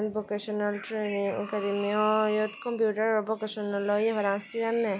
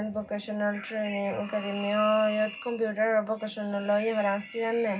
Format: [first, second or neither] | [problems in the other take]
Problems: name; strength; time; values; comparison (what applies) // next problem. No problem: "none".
first | room echo; dies away in 0.4 s